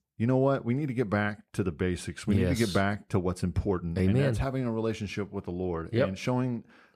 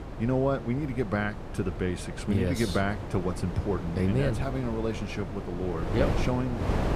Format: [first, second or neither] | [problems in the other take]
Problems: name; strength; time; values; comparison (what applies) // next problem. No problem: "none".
first | wind noise on the microphone; heavy; 7 dB below the speech